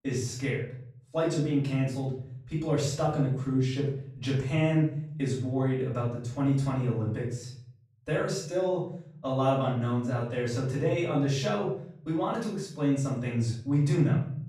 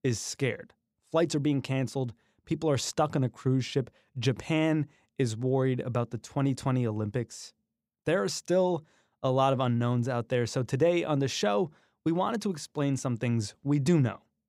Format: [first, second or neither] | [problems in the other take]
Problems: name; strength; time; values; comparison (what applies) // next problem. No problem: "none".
second | off-mic speech; far // room echo; noticeable; dies away in 0.6 s